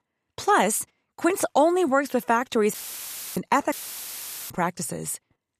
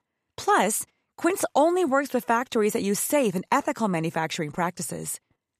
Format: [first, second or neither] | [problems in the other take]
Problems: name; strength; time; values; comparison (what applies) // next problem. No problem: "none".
second | audio cutting out; filled with static; at 2.5 s for 0.5 s and at 3.5 s for 1 s